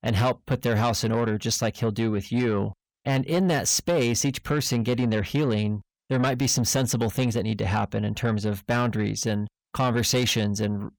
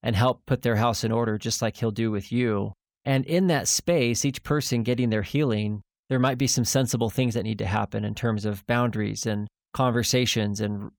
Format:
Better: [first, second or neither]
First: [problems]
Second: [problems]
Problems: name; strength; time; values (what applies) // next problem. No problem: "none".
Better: second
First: distortion; slight; 10 dB below the speech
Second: none